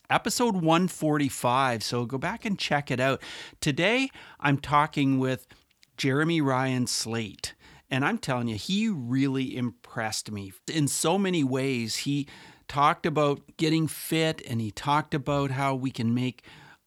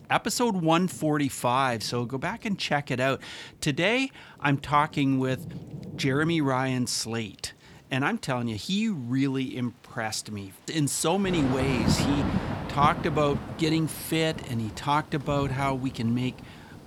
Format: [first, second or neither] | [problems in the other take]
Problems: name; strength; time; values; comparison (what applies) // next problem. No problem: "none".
first | rain or running water; loud; throughout; 7 dB below the speech